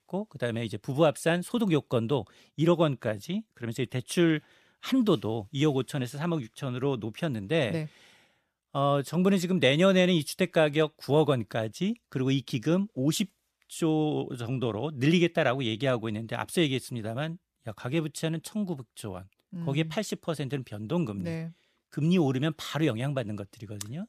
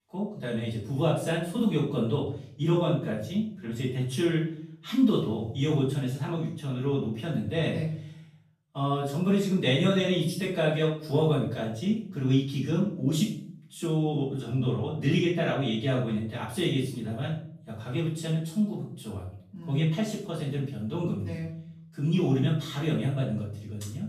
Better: first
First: none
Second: off-mic speech; far // room echo; noticeable; dies away in 0.6 s

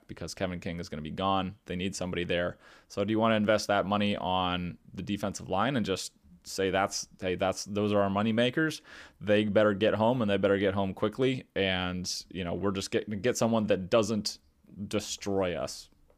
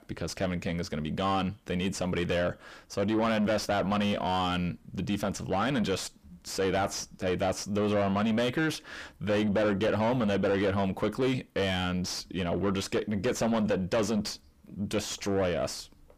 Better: first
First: none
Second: distortion; heavy; 7 dB below the speech

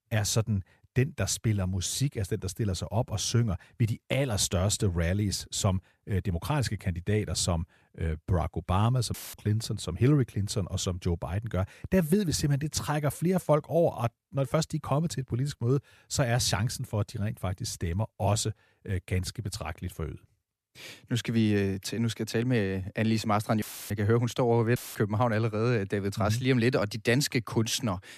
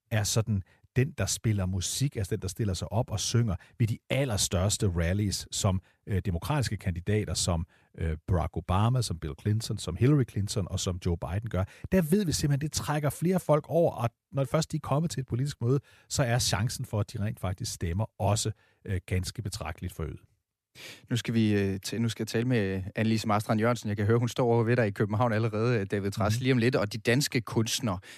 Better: second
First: audio cutting out; filled with static; at 9 s, at 24 s and at 25 s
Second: none

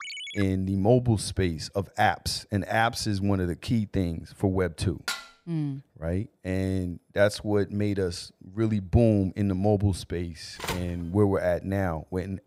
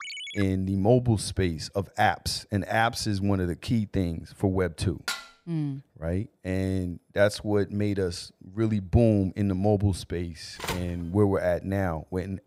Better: neither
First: phone ringing; noticeable; at the start and at 11 s; peak 7 dB below the speech // clattering dishes; noticeable; at 5 s; peak 6 dB below the speech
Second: phone ringing; noticeable; at the start and at 11 s; peak 7 dB below the speech // clattering dishes; noticeable; at 5 s; peak 6 dB below the speech

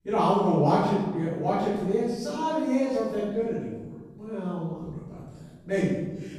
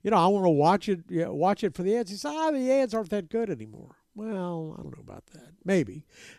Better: second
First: off-mic speech; far // room echo; strong; dies away in 1.3 s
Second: none

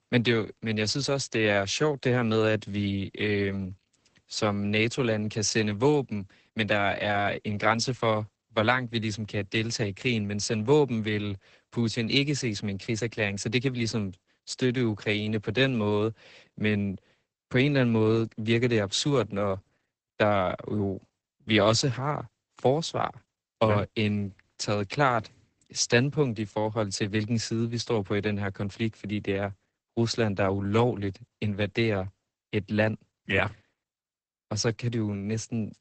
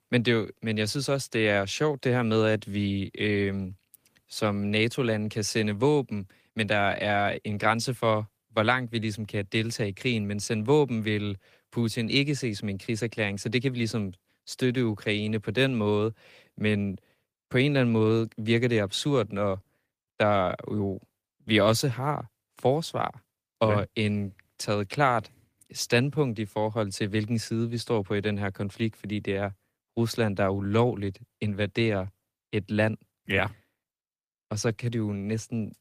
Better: second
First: garbled, watery; badly; nothing above 8 kHz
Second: garbled, watery; slightly; nothing above 15 kHz

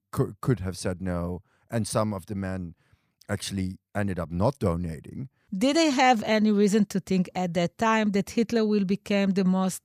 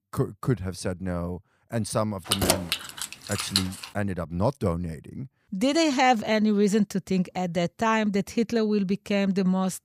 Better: first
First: none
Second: jangling keys; loud; from 2.5 to 4 s; peak 3 dB above the speech

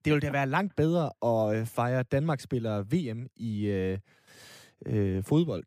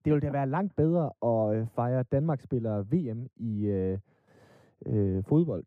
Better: first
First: none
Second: muffled; very; fading above 1.5 kHz

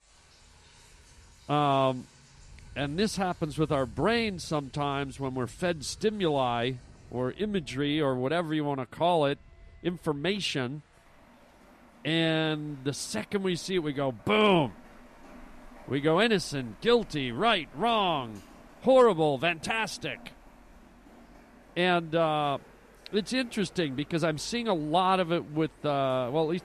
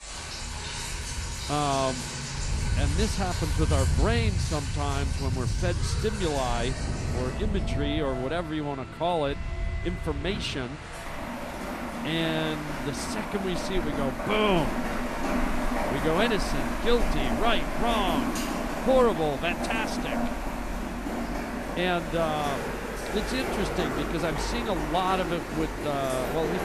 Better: first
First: rain or running water; faint; throughout; 25 dB below the speech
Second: rain or running water; loud; throughout; 2 dB below the speech

